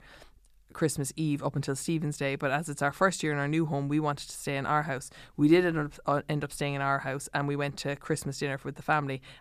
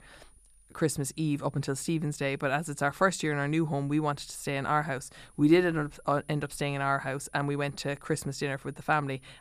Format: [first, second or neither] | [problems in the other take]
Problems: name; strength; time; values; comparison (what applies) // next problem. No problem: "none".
first | high-pitched whine; faint; throughout; 9.5 kHz, 30 dB below the speech